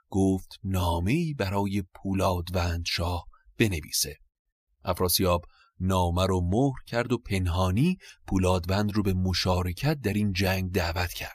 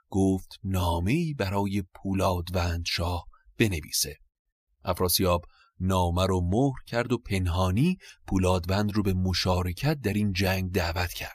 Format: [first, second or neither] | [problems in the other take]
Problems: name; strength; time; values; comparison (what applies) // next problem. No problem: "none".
neither | none